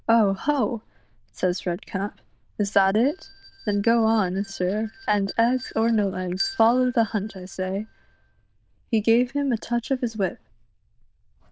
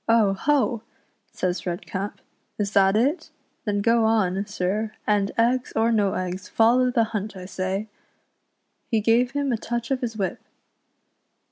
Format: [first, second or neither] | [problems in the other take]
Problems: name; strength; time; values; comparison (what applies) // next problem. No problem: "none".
second | noise reduction (neural diffusion model UNIVERSE++)